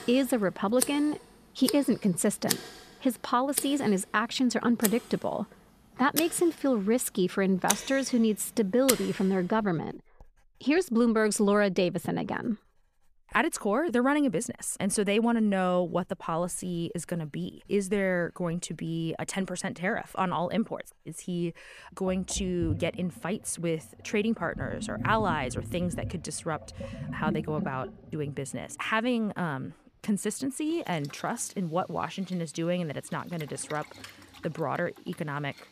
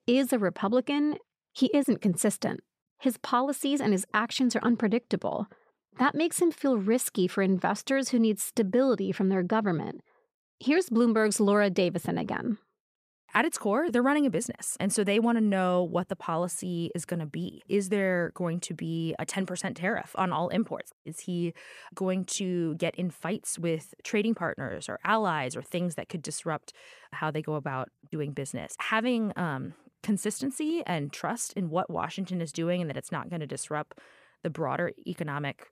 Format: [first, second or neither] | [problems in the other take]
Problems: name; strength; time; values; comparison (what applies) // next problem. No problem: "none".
second | household noises; loud; throughout; 7 dB below the speech